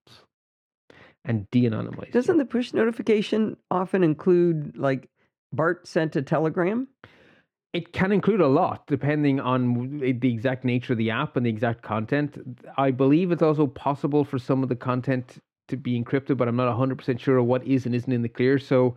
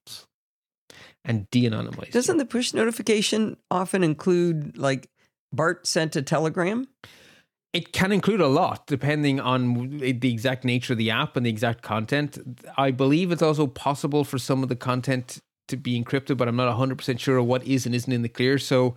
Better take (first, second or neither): second